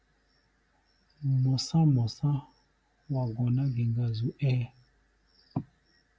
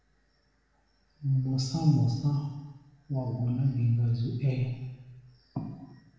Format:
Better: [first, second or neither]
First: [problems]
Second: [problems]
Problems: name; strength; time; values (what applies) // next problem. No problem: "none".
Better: first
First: none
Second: room echo; dies away in 1.1 s